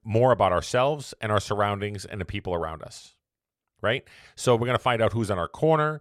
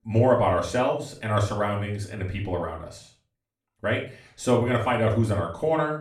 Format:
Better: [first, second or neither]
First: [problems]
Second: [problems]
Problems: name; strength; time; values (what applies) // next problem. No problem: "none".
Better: first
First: none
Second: off-mic speech; far // room echo; slight; dies away in 0.3 s